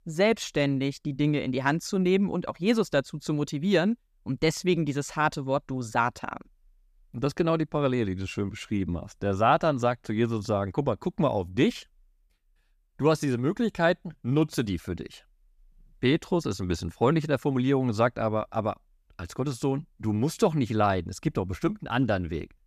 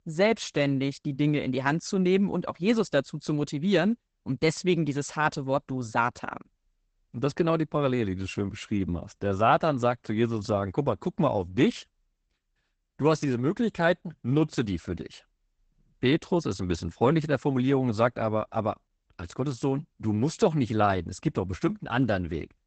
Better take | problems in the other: first | garbled, watery; badly; nothing above 8 kHz

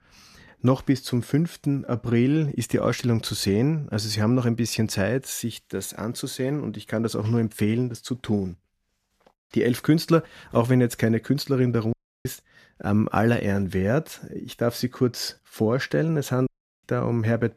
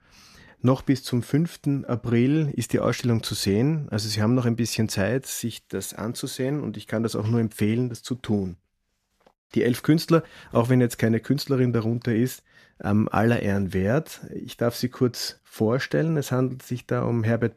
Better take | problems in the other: second | audio cutting out; at 12 s and at 16 s

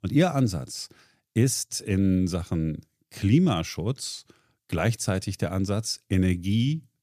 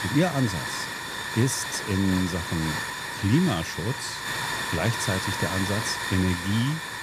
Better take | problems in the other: first | hiss; loud; throughout; 3 dB below the speech

